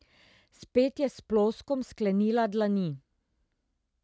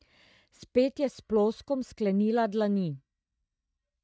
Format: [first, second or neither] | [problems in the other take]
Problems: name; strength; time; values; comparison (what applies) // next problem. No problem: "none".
first | noise reduction (neural mask model DeepFilterNet 3)